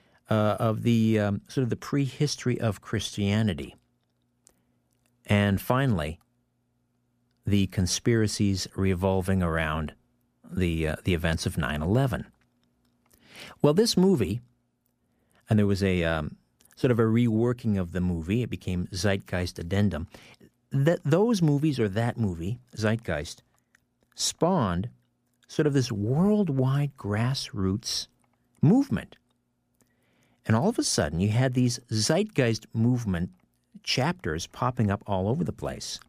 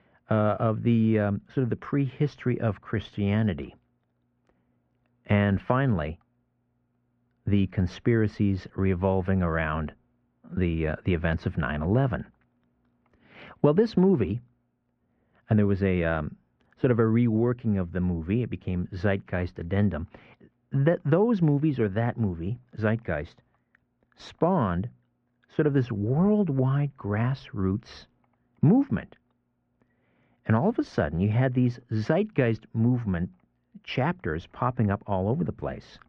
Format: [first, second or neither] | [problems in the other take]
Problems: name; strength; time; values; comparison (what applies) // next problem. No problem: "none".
first | muffled; very; fading above 2.5 kHz